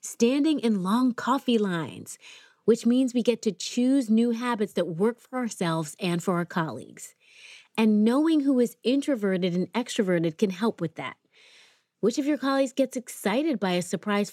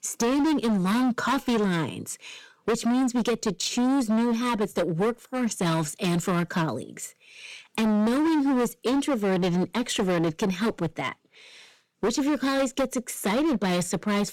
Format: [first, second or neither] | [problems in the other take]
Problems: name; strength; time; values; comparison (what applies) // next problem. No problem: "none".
first | distortion; heavy; 23% of the sound clipped